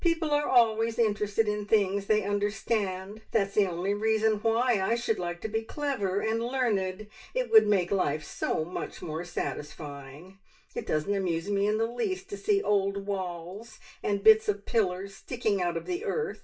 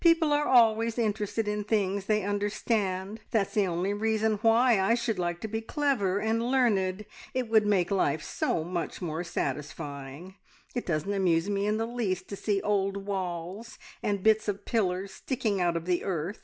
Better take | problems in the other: second | room echo; dies away in 0.1 s

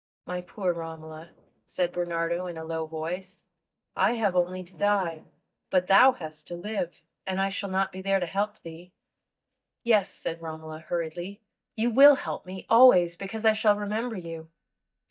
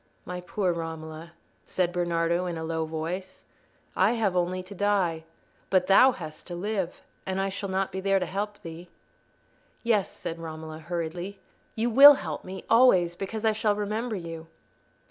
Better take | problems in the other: second | noise reduction (neural mask model DeepFilterNet 3)

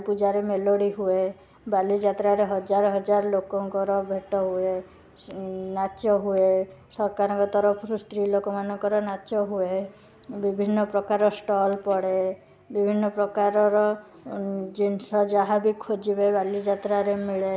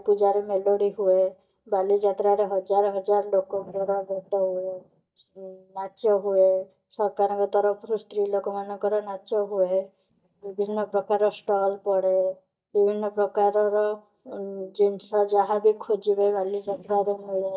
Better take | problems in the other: first | noise reduction (neural mask model DeepFilterNet 3)

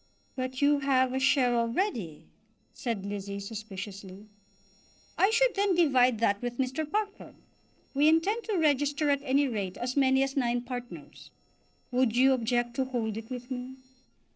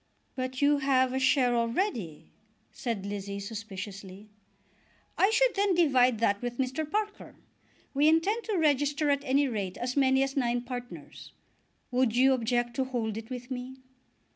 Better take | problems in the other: second | noise reduction (neural separator model SepFormer DNS4)

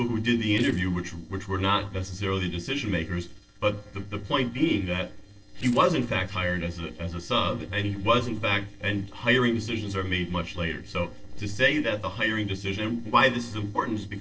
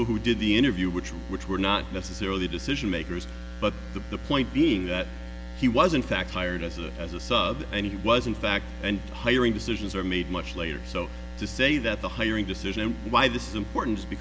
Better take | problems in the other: second | noise reduction (neural separator model SepFormer DNS4)

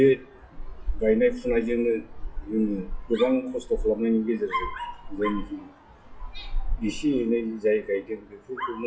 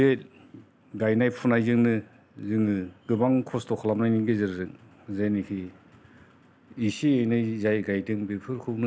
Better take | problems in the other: second | noise reduction (classical method WPE with log-MMSE)

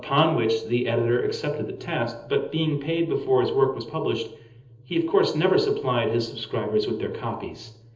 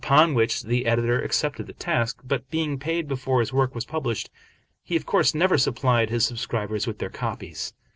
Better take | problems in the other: second | room echo; dies away in 1.2 s

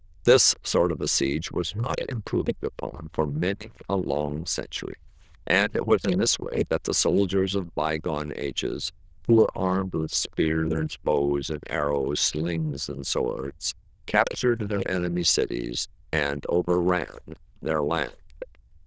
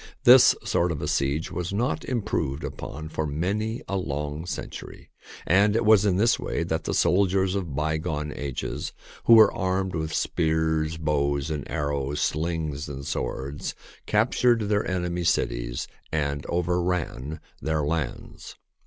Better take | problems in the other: second | noise reduction (neural diffusion model UNIVERSE++)

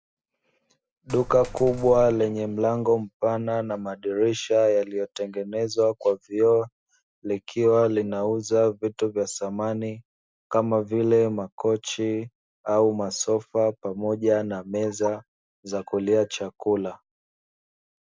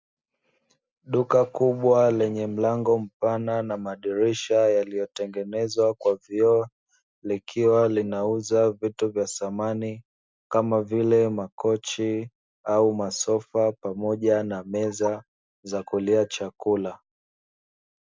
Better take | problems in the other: second | background sound (Coin (dropping)); 13 dB below the speech

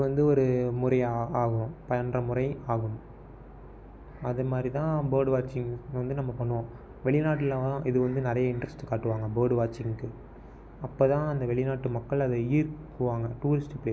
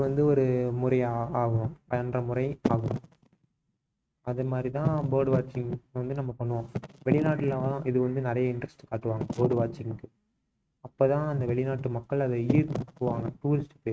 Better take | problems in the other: first | noise reduction (neural mask model RNNoise)

